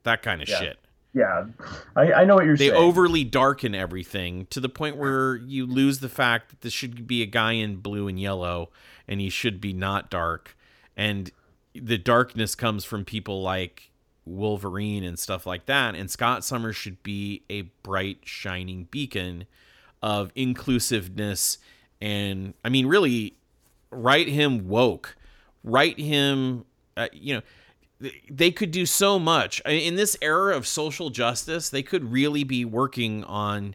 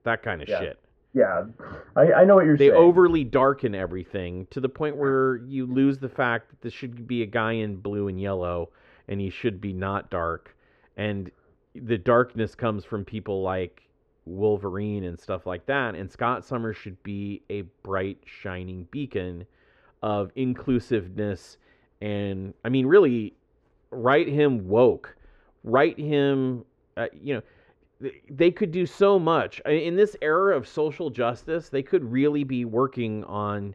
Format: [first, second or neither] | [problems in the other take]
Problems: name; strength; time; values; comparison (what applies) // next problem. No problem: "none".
first | muffled; very; fading above 1.5 kHz